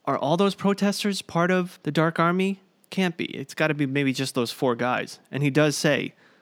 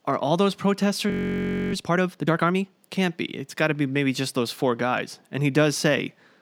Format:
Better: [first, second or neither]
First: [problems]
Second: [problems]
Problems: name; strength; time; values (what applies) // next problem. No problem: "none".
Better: first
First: none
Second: audio freezing; at 1 s for 0.5 s